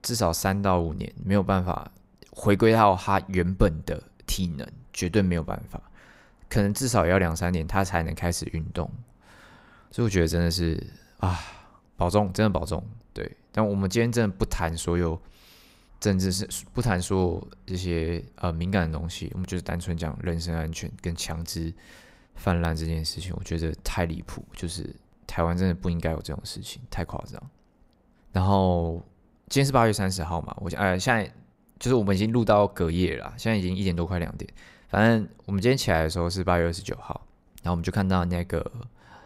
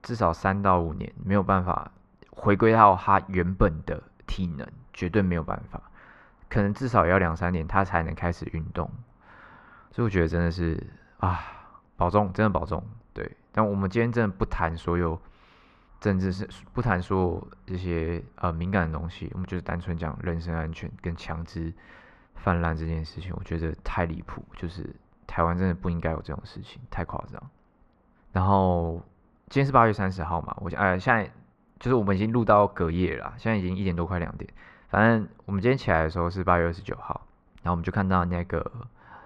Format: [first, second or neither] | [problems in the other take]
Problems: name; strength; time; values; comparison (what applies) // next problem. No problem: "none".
first | muffled; very; fading above 2 kHz